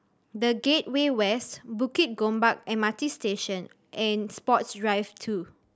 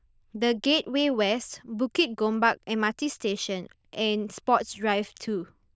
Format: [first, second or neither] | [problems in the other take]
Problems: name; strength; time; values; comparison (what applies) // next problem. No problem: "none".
first | noise reduction (neural diffusion model UNIVERSE++)